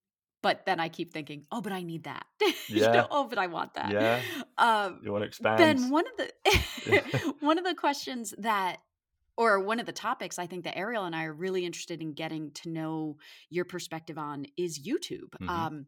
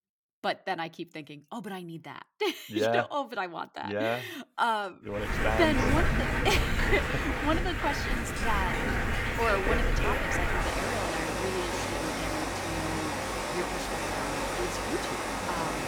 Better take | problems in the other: first | rain or running water; very loud; from 5 s on; 2 dB above the speech

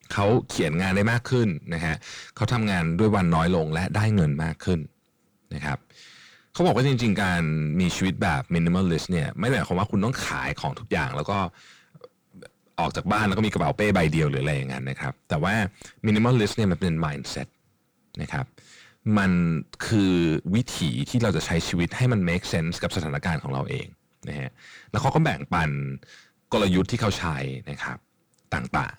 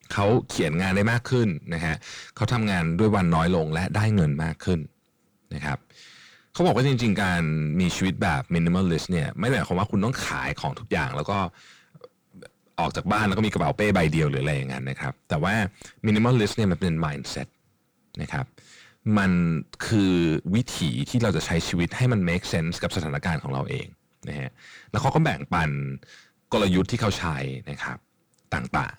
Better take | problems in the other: neither | distortion; heavy; 5 dB below the speech; the same in both

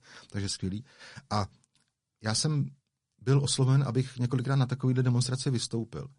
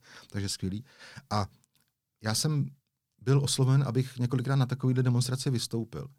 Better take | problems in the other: second | garbled, watery; slightly; nothing above 10.5 kHz

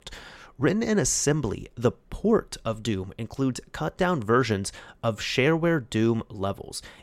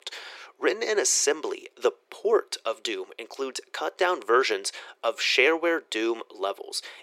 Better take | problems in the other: first | thin; very; fading below 350 Hz

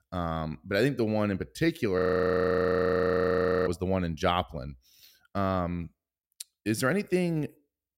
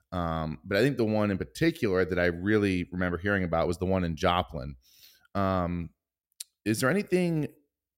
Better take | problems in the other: second | audio freezing; at 2 s for 1.5 s

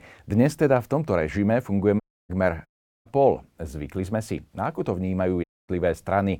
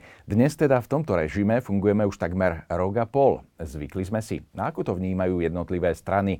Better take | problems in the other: second | audio cutting out; at 2 s, at 2.5 s and at 5.5 s

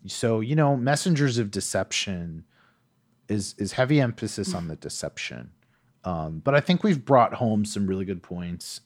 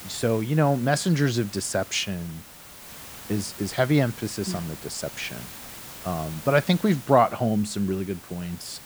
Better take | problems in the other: first | hiss; noticeable; throughout; 15 dB below the speech

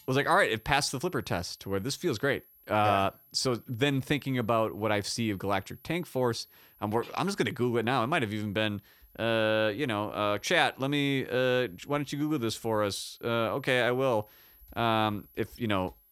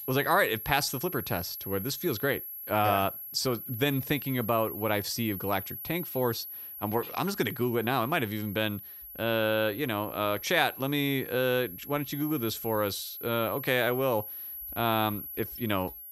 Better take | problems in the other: first | high-pitched whine; loud; throughout; 11.5 kHz, 9 dB below the speech; faint in the first

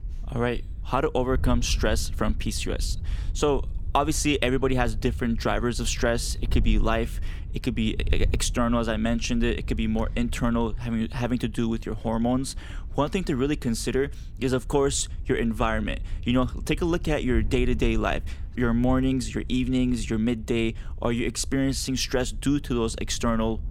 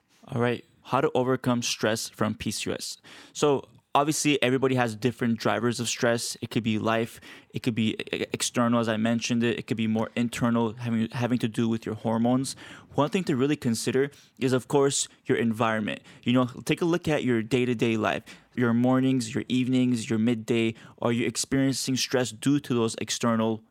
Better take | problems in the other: second | wind noise on the microphone; occasional gusts; 25 dB below the speech

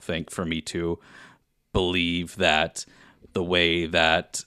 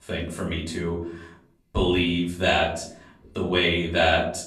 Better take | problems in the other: first | room echo; slight; dies away in 0.5 s // off-mic speech; far

